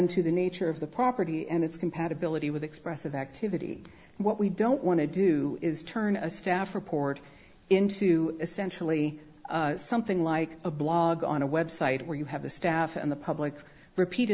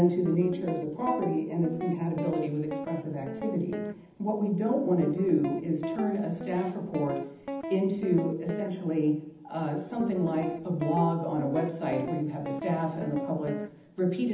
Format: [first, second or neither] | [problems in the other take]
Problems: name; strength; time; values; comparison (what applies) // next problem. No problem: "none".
first | background sound (Guitar); 8 dB below the speech // room echo; dies away in 0.8 s